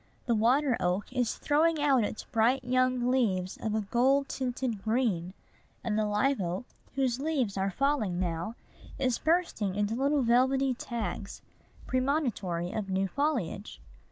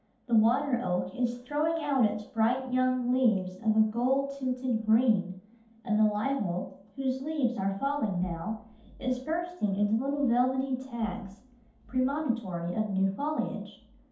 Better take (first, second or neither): first